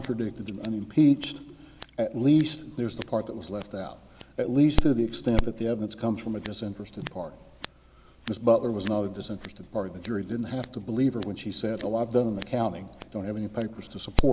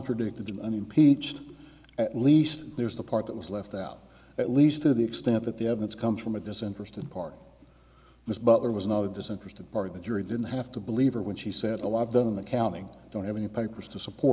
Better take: second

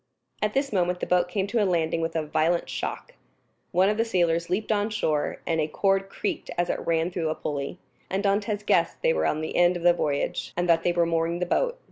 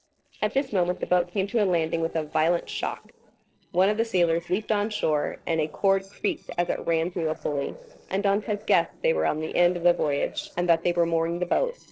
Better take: first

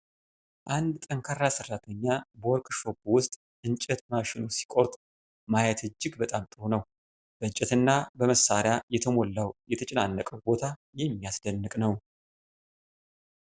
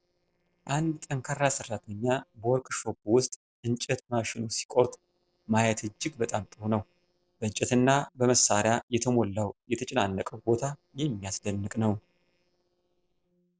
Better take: first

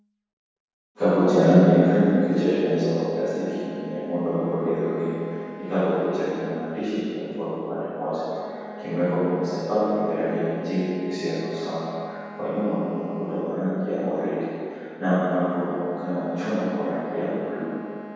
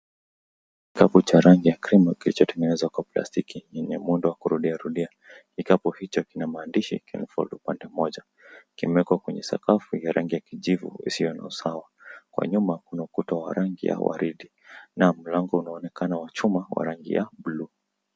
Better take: second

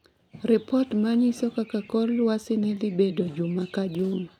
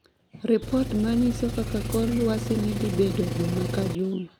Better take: first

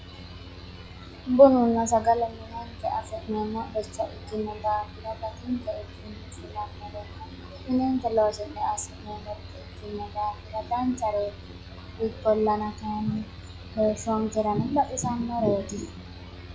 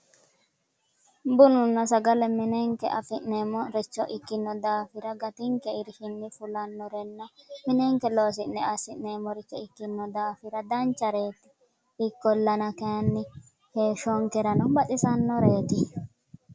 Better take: second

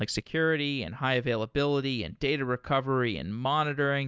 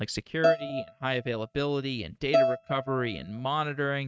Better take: first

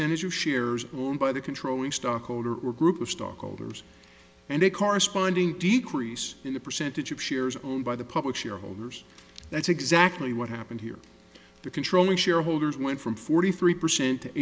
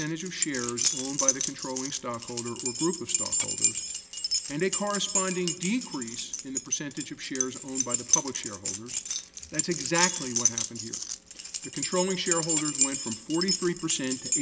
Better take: first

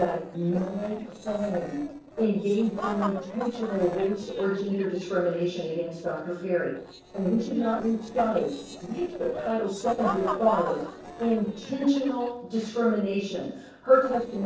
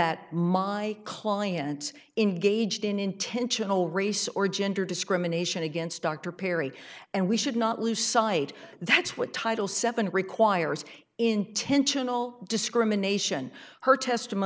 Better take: second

